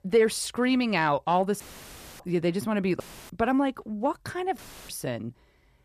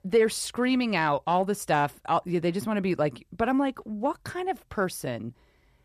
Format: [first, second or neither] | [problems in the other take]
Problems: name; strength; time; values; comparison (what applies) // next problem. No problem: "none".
second | audio cutting out; filled with static; at 1.5 s for 0.5 s, at 3 s and at 4.5 s